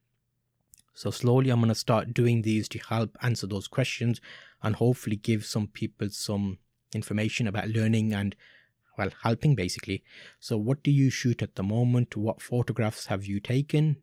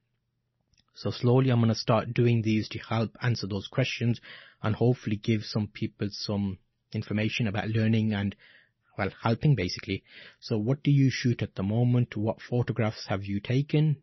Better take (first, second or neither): first